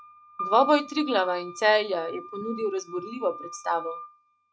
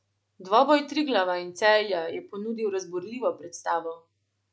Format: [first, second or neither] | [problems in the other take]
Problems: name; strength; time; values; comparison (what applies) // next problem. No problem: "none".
second | noise reduction (neural mask model RNNoise)